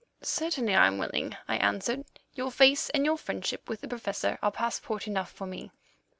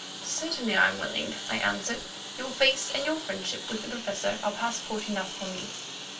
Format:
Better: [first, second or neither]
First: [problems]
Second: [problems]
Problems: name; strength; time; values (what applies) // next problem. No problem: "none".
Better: first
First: none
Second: background sound (Engine); 8 dB below the speech // room echo; dies away in 0.2 s